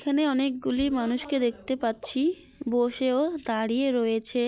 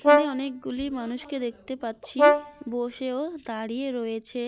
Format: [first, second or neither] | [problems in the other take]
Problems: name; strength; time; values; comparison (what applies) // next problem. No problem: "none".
first | background sound (Brass instrument); 5 dB above the speech